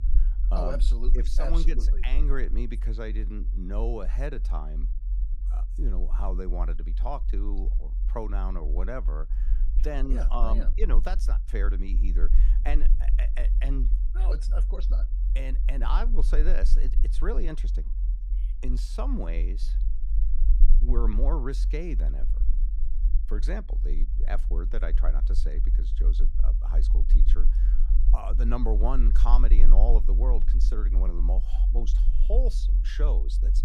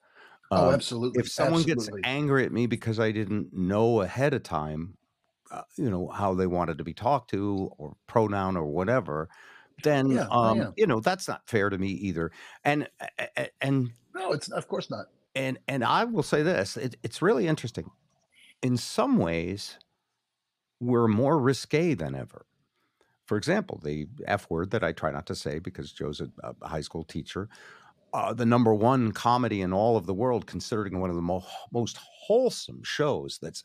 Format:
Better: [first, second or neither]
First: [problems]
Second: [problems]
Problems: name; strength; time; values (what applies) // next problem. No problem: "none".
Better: second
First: low rumble; noticeable; throughout; 15 dB below the speech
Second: none